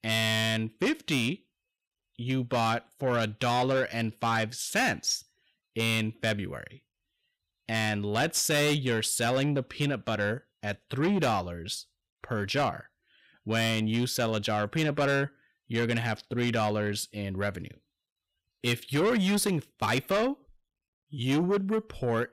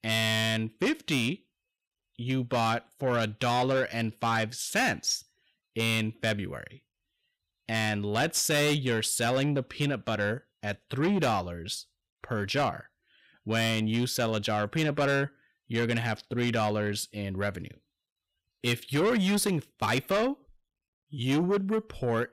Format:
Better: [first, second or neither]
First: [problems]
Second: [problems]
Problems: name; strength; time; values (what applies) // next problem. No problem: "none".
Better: neither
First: distortion; heavy; 8 dB below the speech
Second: distortion; heavy; 8 dB below the speech